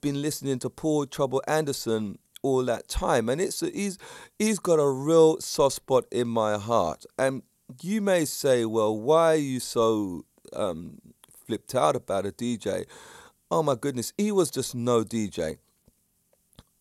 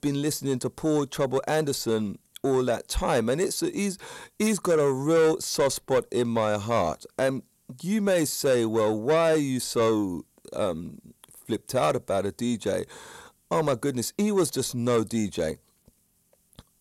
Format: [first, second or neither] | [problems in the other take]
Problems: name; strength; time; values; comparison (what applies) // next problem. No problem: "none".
first | distortion; slight; 10 dB below the speech